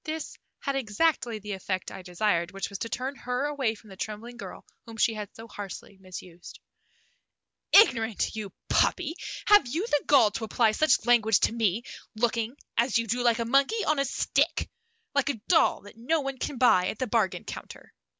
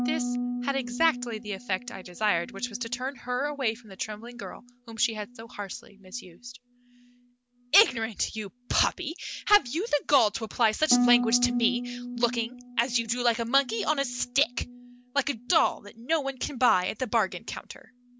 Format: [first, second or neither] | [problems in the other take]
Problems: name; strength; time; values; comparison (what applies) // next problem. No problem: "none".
first | background sound (Harp); 7 dB below the speech